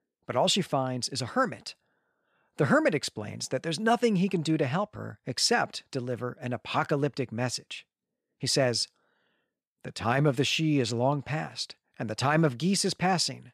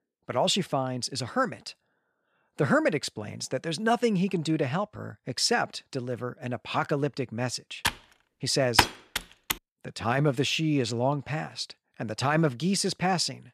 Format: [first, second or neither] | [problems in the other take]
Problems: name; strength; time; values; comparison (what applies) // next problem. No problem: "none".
first | keyboard typing; loud; from 8 to 9.5 s; peak 4 dB above the speech